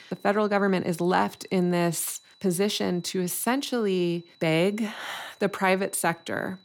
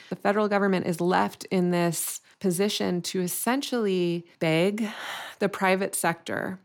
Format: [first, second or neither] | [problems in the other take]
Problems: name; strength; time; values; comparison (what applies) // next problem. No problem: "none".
second | high-pitched whine; faint; throughout; 4 kHz, 30 dB below the speech